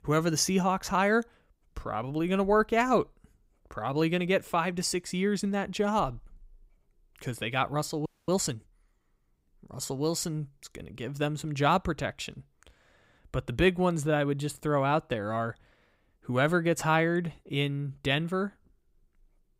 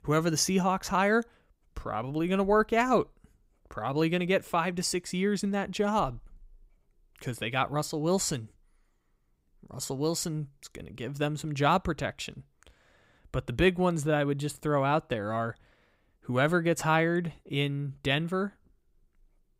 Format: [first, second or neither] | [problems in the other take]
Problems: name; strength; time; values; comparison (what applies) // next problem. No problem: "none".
second | audio freezing; at 8 s